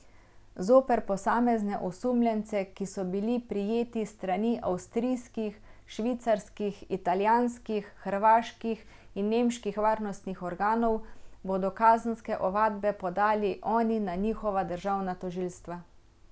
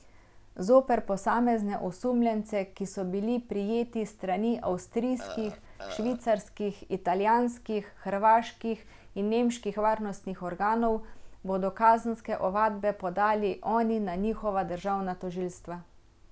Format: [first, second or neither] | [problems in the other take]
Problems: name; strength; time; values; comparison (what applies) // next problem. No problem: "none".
first | background sound (Burping, eructation); 13 dB below the speech